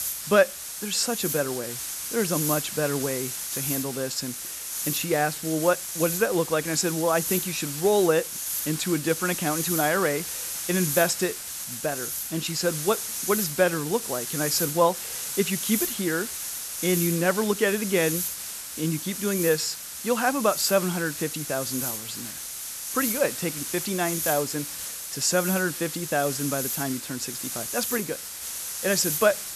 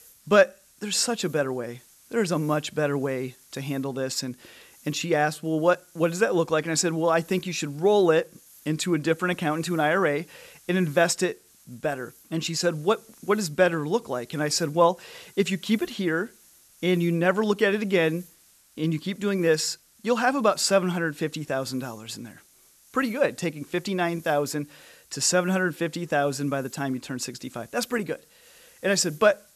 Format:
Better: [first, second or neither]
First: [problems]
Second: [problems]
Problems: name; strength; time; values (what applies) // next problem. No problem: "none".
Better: second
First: hiss; loud; throughout; 3 dB below the speech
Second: hiss; faint; throughout; 25 dB below the speech